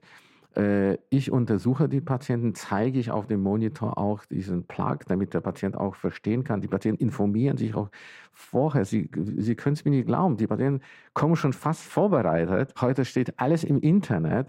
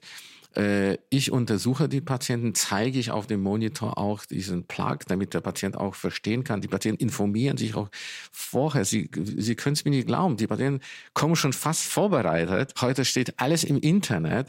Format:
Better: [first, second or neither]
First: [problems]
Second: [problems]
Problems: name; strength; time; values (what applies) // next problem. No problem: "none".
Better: second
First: muffled; very; fading above 2.5 kHz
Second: none